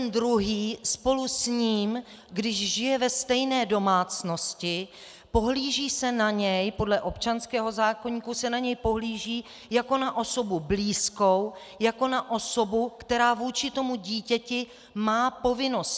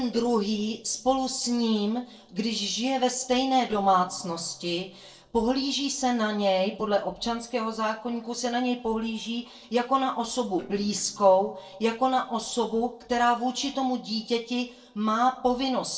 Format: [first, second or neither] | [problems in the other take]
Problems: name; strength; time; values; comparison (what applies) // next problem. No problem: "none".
first | noise reduction (neural separator model SepFormer DNS4)